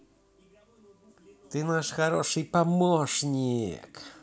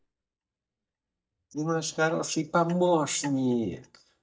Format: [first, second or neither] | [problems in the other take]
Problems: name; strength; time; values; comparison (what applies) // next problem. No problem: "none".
first | noise reduction (neural mask model DeepFilterNet 3)